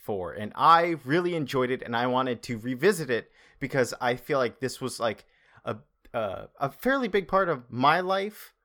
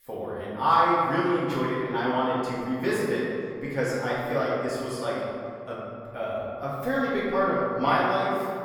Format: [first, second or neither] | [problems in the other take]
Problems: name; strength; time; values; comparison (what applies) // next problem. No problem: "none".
first | off-mic speech; far // room echo; strong; dies away in 2.1 s